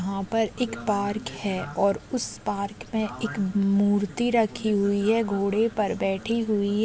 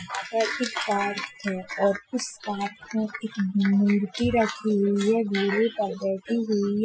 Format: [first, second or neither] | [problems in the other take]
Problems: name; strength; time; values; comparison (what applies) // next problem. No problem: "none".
first | noise reduction (classical method Wiener filter)